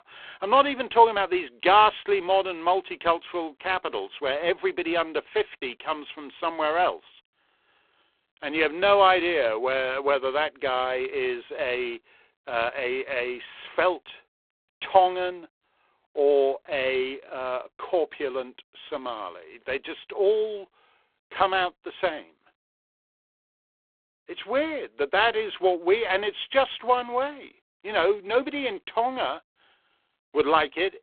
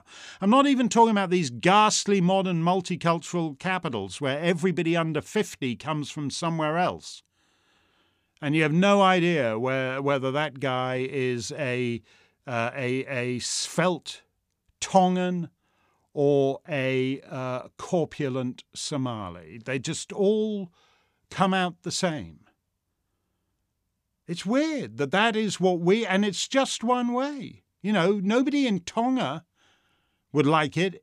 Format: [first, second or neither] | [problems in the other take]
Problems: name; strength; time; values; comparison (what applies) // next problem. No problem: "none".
second | phone-call audio; poor line